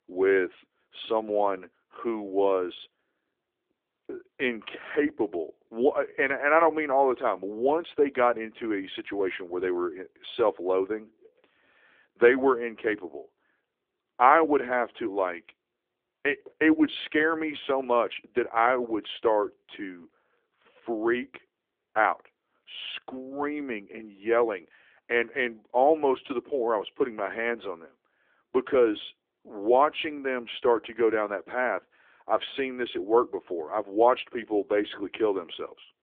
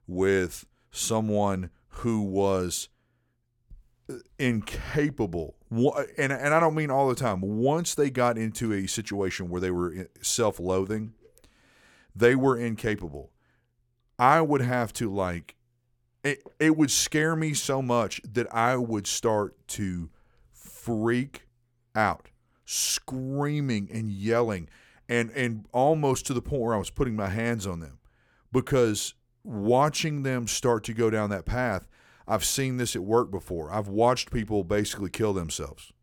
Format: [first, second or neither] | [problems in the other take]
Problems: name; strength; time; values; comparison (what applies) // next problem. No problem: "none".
second | phone-call audio; nothing above 3.5 kHz